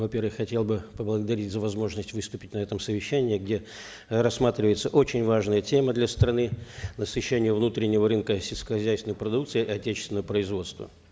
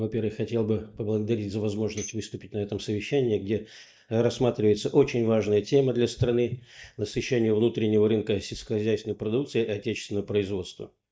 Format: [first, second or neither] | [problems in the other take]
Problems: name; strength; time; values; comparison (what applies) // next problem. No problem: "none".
first | noise reduction (neural mask model DeepFilterNet 3)